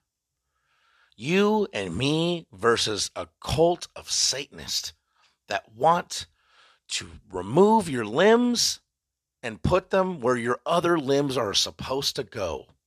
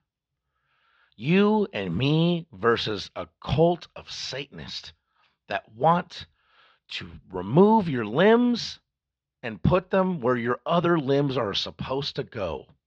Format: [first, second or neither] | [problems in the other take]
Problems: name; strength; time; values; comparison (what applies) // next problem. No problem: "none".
first | muffled; slightly; fading above 4 kHz